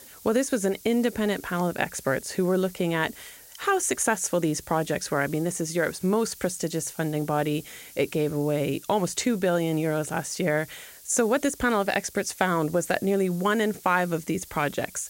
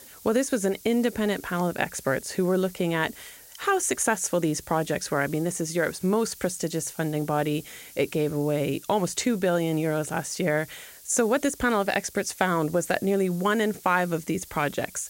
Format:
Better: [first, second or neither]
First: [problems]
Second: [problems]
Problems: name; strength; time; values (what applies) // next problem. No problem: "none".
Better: neither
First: hiss; noticeable; throughout; 20 dB below the speech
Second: hiss; noticeable; throughout; 20 dB below the speech